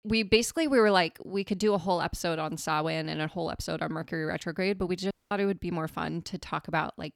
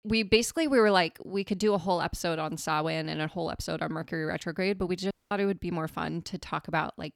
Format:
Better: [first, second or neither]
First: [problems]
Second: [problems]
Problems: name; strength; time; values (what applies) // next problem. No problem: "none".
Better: neither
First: audio cutting out; at 5 s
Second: audio cutting out; at 5 s